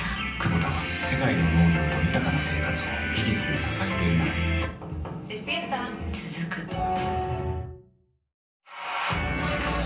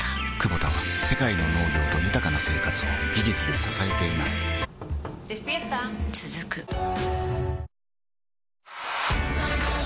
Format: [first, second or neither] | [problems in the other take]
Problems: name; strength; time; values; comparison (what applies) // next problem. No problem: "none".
second | room echo; dies away in 0.6 s